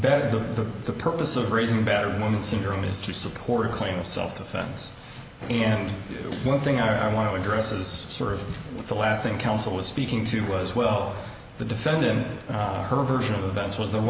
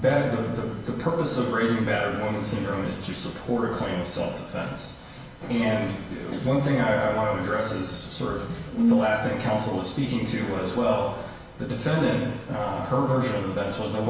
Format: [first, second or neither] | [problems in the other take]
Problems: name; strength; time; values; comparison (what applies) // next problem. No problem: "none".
first | background sound (Brass instrument); 2 dB above the speech // room echo; dies away in 0.8 s